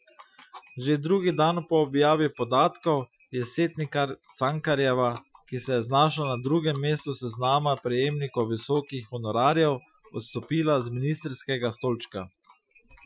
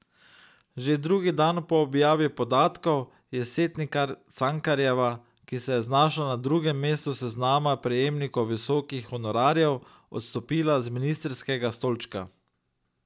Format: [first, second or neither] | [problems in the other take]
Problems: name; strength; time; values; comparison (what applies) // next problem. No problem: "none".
second | noise reduction (classical method Wiener filter)